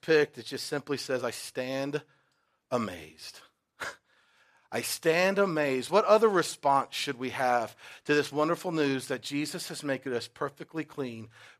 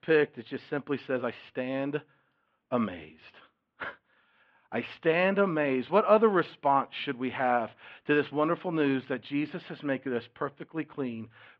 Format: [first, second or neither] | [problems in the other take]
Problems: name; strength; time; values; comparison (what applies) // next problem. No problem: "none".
first | muffled; very; fading above 3 kHz